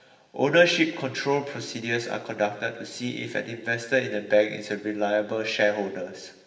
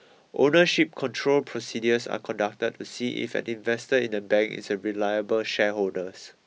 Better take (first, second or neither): second